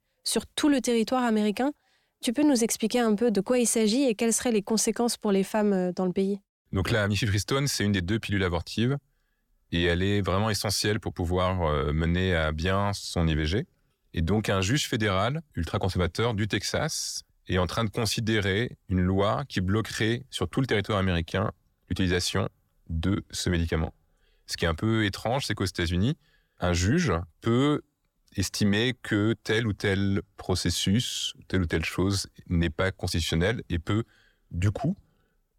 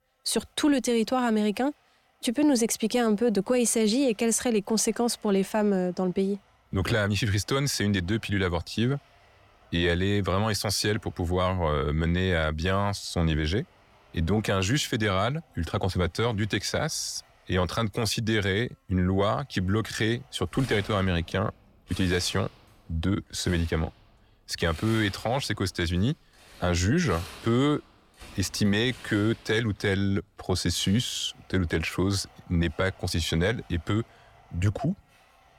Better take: first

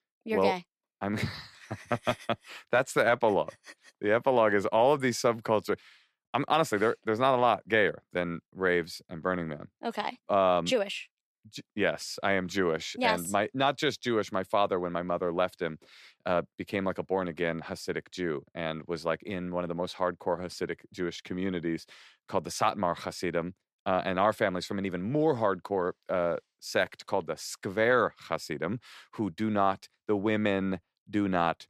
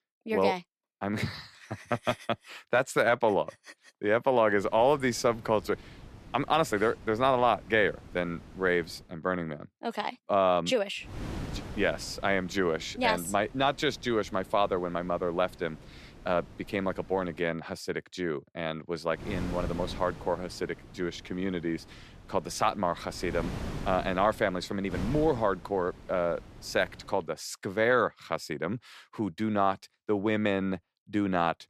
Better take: first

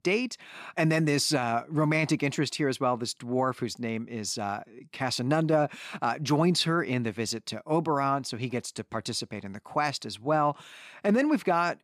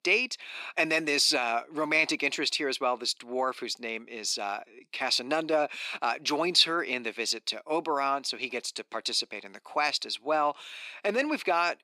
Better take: first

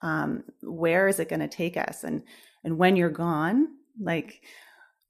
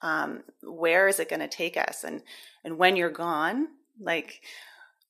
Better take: first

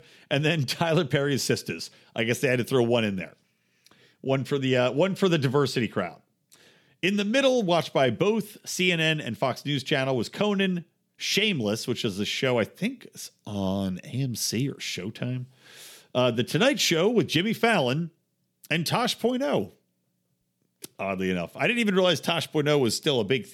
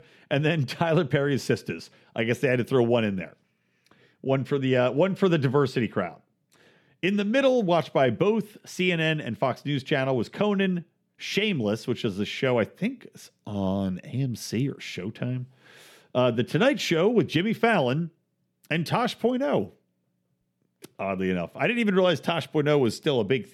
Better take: first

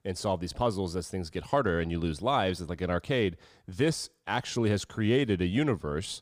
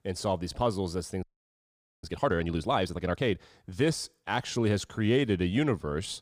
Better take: first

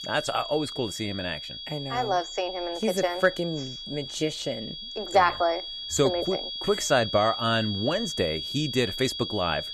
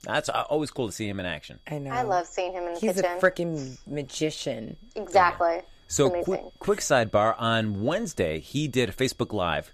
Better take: second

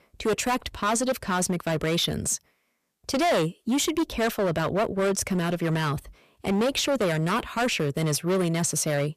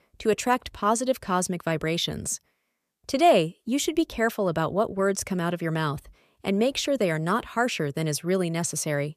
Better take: second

